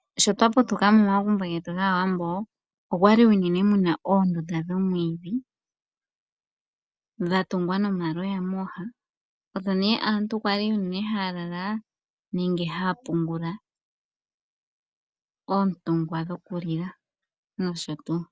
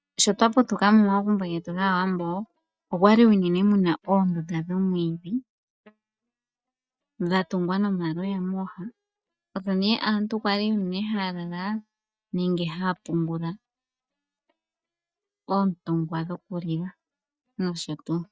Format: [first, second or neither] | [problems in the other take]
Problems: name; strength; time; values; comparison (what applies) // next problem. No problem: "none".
first | noise reduction (neural mask model DeepFilterNet 3)